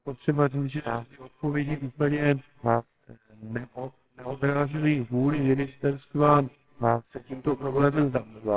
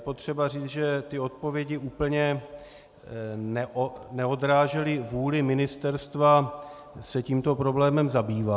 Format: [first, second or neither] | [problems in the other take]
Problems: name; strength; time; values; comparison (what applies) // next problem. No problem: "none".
second | noise reduction (neural separator model SepFormer WHAMR!)